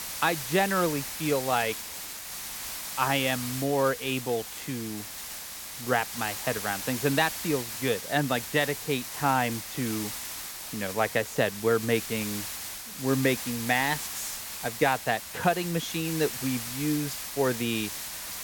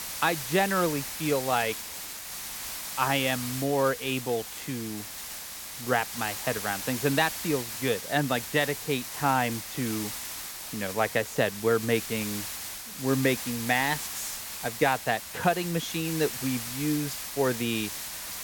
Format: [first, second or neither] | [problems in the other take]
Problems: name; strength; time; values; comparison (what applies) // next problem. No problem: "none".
neither | hiss; loud; throughout; 6 dB below the speech; the same in both